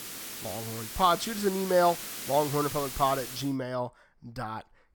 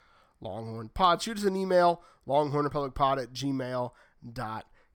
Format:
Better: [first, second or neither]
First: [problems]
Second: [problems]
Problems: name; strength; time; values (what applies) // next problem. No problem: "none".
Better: second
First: hiss; loud; until 3.5 s; 8 dB below the speech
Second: none